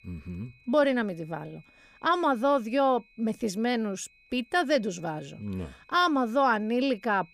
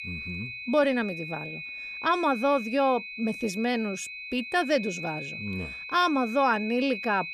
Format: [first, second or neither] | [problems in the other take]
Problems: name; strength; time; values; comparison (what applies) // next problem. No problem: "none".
first | high-pitched whine; loud; throughout; 2.5 kHz, 9 dB below the speech; faint in the first